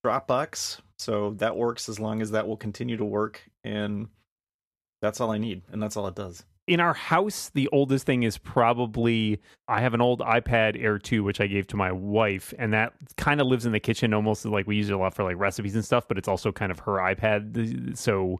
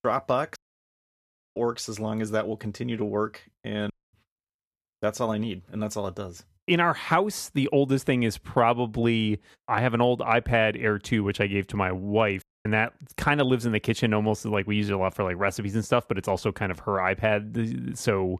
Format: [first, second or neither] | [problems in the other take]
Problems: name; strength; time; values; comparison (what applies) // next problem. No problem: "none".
first | audio cutting out; at 0.5 s for 1 s, at 4 s and at 12 s